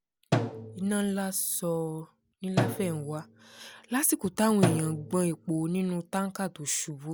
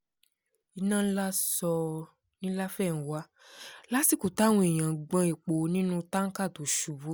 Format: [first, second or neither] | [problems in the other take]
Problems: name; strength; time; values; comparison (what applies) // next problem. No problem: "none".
second | background sound (Drum); 5 dB below the speech